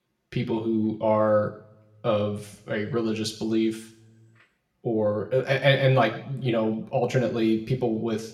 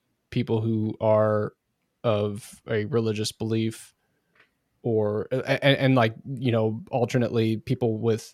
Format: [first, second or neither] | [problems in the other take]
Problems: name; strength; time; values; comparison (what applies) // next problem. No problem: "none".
second | room echo; very slight; dies away in 0.6 s